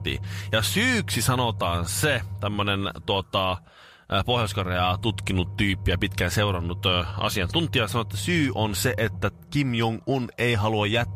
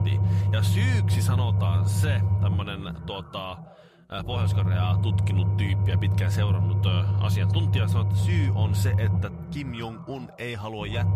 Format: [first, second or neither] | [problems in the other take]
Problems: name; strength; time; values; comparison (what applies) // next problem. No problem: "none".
first | low rumble; loud; throughout; 3 dB below the speech; faint in the first